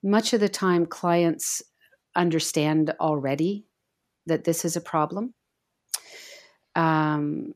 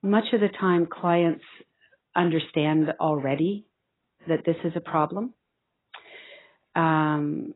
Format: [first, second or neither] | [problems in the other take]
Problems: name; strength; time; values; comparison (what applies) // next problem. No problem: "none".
first | garbled, watery; badly; nothing above 4 kHz